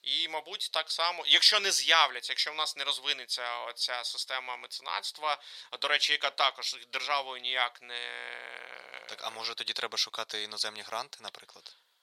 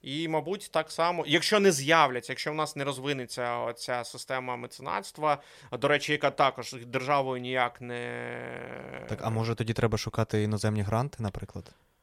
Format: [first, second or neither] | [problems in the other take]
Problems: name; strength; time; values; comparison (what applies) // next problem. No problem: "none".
second | thin; very; fading below 900 Hz